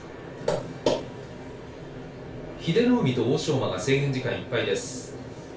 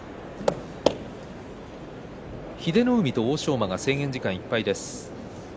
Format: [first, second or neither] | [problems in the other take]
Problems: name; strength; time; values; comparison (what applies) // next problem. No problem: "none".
second | room echo; dies away in 0.3 s